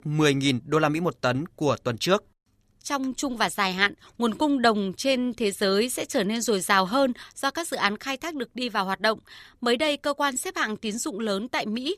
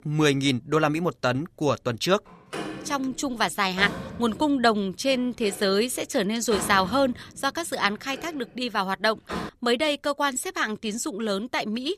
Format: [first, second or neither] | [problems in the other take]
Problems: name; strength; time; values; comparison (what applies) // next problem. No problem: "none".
first | door banging; noticeable; from 2.5 to 9.5 s; peak 7 dB below the speech